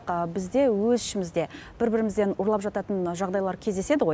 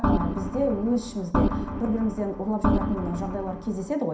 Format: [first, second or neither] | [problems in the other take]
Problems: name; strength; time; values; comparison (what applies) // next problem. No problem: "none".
first | background sound (Organ); 1 dB above the speech // room echo; dies away in 0.5 s